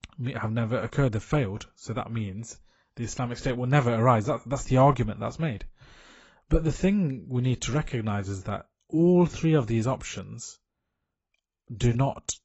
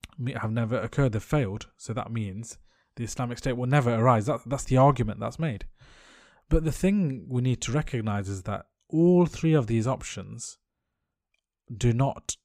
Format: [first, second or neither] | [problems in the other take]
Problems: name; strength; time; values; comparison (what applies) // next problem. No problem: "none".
second | garbled, watery; badly; nothing above 8 kHz